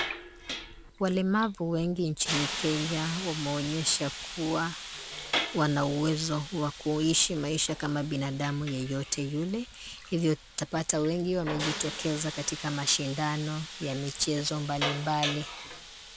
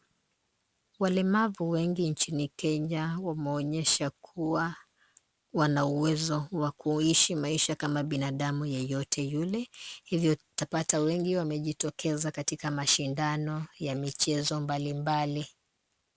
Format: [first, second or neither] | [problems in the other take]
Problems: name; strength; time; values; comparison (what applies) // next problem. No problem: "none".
second | background sound (Hiss); 8 dB below the speech